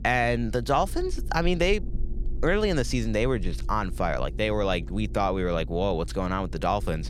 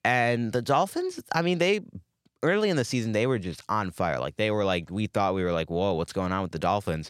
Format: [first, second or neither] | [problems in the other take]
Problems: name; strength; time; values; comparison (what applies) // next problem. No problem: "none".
second | low rumble; faint; throughout; 25 dB below the speech